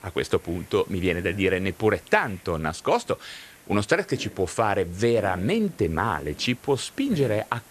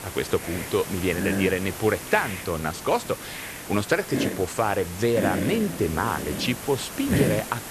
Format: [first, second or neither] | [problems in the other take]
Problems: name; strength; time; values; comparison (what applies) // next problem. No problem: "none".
first | hiss; loud; throughout; 5 dB below the speech; faint in the first